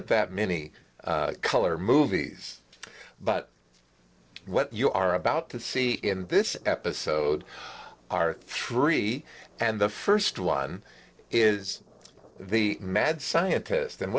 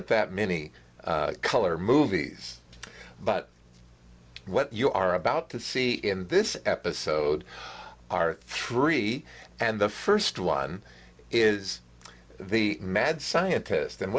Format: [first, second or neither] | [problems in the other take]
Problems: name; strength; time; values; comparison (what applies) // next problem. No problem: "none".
second | noise reduction (neural separator model SepFormer DNS4)